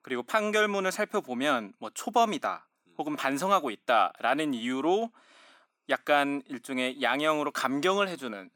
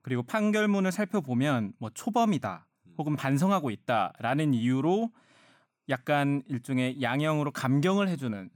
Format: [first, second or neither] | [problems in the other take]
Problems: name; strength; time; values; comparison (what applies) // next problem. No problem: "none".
second | thin; somewhat; fading below 350 Hz